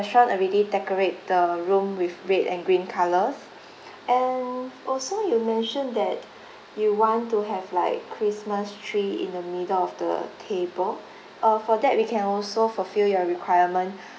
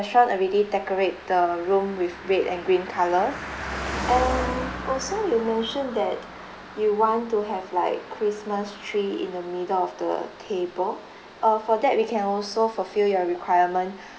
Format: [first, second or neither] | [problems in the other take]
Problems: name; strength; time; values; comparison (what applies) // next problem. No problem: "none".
first | background sound (Car passing by); 12 dB below the speech